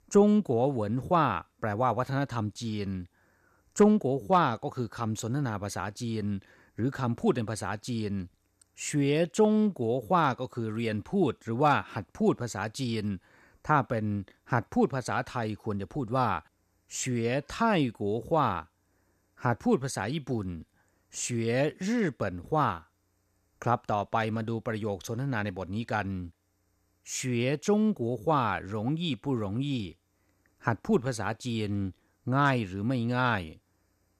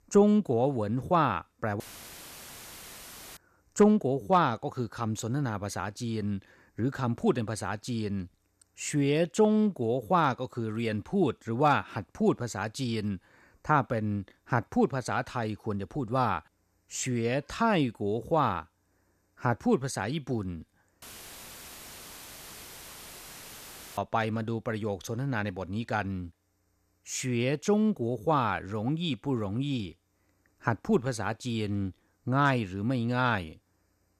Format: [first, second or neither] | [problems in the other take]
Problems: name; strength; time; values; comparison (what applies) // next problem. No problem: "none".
first | audio cutting out; filled with static; at 2 s for 1.5 s and at 21 s for 3 s